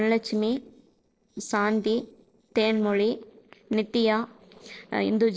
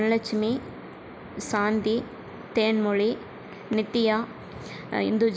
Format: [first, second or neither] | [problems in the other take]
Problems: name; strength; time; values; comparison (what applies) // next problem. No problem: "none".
second | noise reduction (neural separator model SepFormer DNS4)